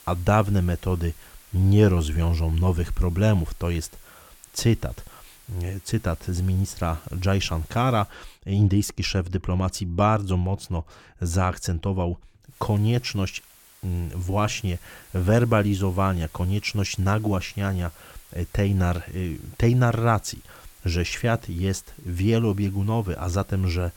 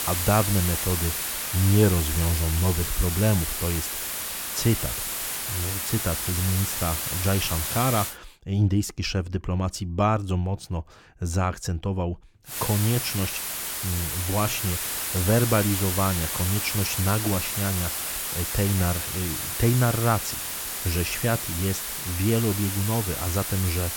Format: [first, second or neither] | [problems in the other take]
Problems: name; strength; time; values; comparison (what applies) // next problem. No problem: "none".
first | hiss; loud; until 8 s and from 13 s on; 1 dB below the speech; faint in the first